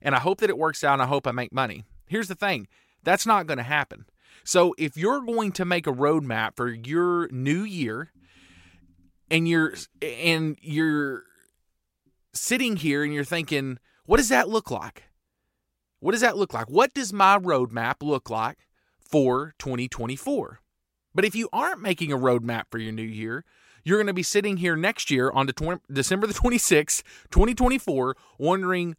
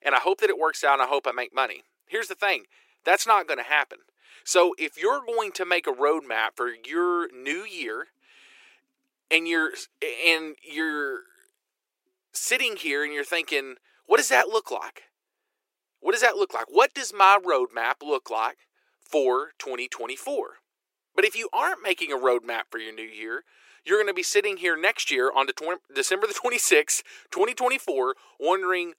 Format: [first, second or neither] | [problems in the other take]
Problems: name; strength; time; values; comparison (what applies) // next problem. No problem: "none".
first | thin; very; fading below 350 Hz